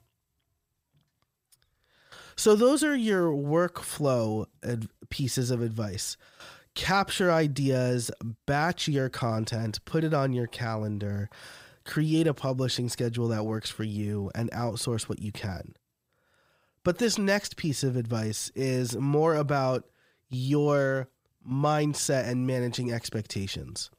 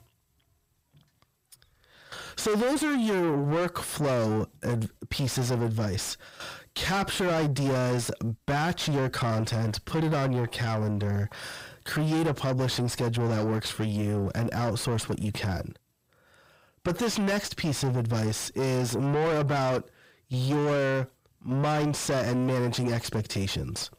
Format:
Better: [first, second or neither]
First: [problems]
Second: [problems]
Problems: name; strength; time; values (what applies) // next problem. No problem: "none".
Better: first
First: none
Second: distortion; heavy; 6 dB below the speech